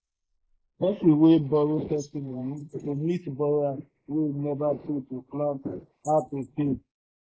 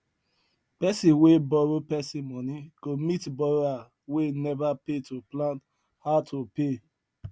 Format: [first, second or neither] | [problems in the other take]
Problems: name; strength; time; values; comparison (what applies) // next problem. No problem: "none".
second | noise reduction (neural mask model Resemble Enhance denoiser)